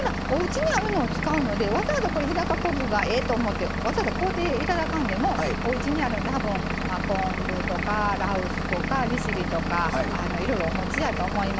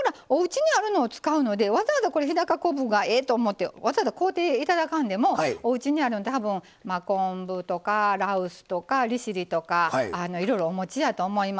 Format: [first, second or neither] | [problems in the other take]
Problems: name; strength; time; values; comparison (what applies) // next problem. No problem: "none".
second | background sound (Engine / Vehicle); as loud as the speech